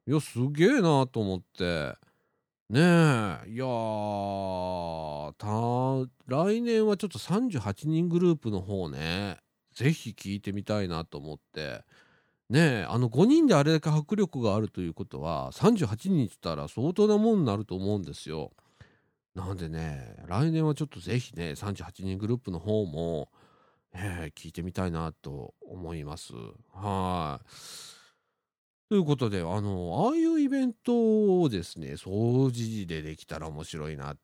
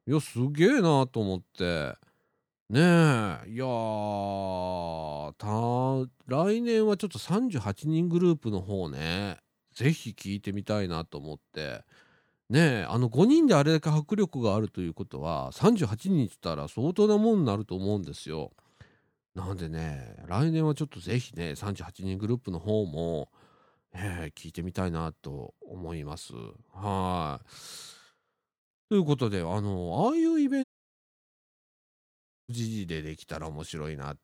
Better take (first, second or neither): first